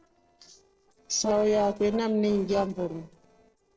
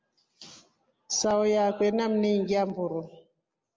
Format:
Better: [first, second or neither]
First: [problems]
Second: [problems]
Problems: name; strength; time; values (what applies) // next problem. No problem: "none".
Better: second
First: noise reduction (neural separator model SepFormer DNS4)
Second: none